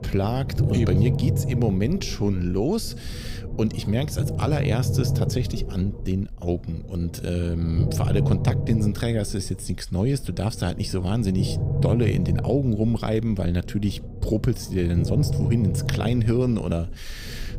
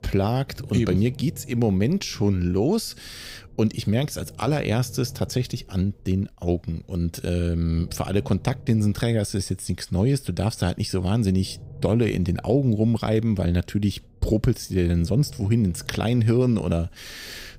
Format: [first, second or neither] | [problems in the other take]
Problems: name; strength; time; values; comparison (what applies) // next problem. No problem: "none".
second | low rumble; loud; throughout; 7 dB below the speech; faint in the second